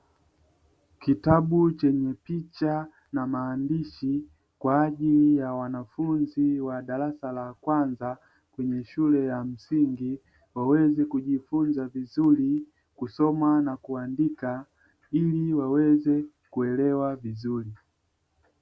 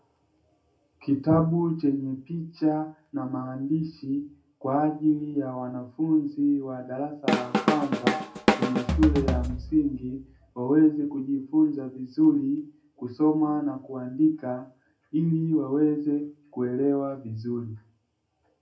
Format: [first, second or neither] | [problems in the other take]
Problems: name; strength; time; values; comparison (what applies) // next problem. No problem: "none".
first | background sound (Drum kit); as loud as the speech // room echo; dies away in 0.3 s